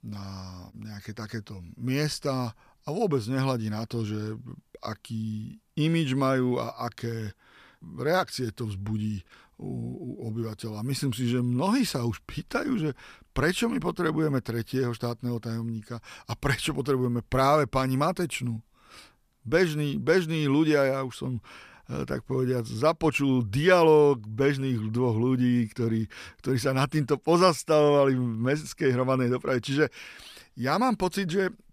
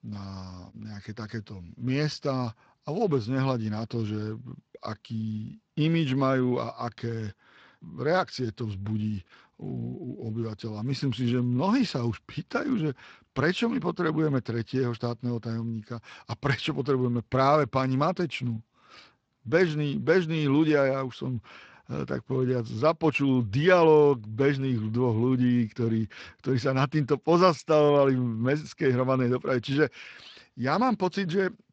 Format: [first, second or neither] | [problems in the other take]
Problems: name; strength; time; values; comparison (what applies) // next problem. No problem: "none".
first | garbled, watery; slightly; nothing above 7.5 kHz